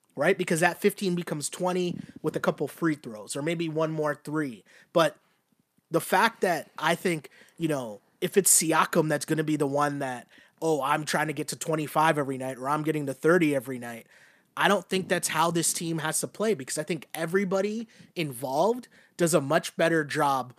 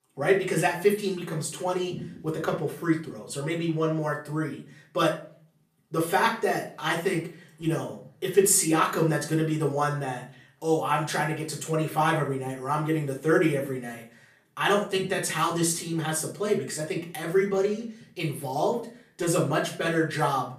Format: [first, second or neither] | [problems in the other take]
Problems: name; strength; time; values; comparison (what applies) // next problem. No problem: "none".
first | off-mic speech; far // room echo; slight; dies away in 0.4 s